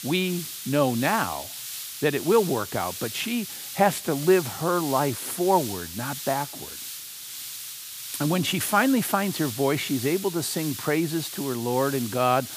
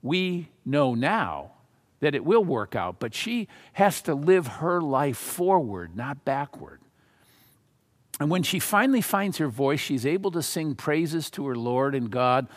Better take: second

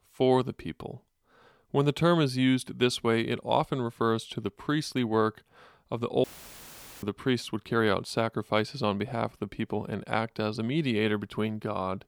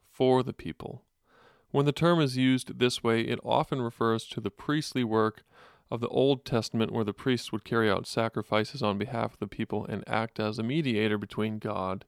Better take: second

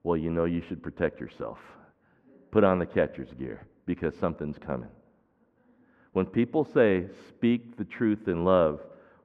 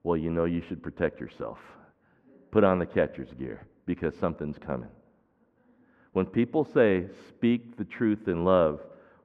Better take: neither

